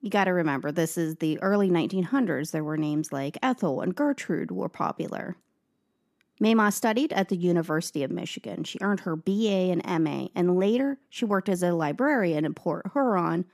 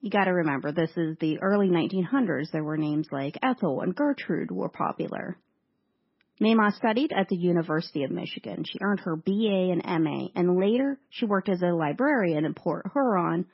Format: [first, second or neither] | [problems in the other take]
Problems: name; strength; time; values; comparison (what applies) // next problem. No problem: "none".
first | garbled, watery; badly; nothing above 5.5 kHz